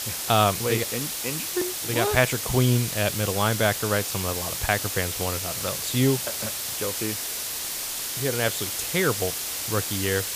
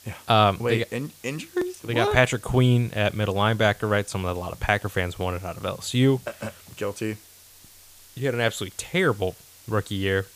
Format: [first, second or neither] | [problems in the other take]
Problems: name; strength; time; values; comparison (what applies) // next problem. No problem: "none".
second | hiss; loud; throughout; 2 dB below the speech; faint in the second